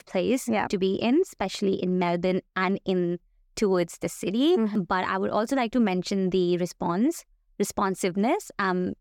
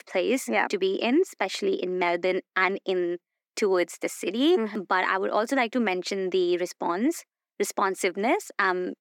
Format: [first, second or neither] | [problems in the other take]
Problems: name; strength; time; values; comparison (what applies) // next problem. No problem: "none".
first | thin; very slightly; fading below 250 Hz